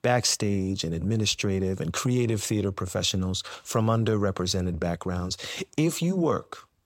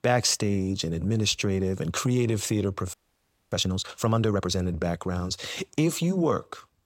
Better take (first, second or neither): first